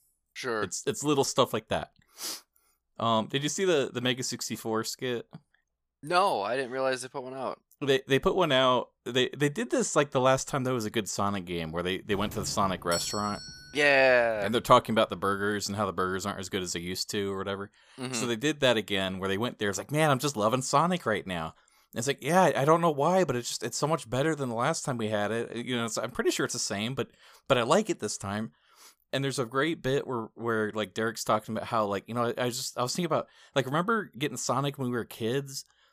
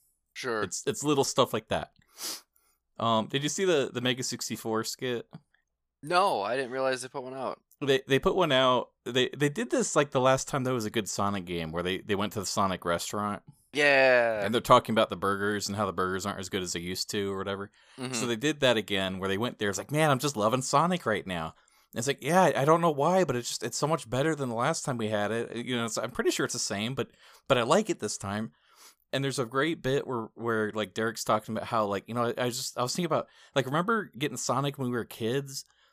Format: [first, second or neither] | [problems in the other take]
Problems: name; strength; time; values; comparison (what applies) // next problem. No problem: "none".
second | doorbell; noticeable; from 12 to 14 s; peak 5 dB below the speech